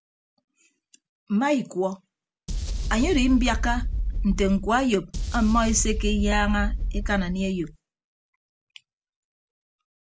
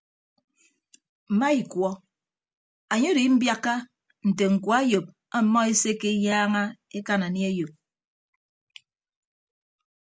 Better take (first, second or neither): second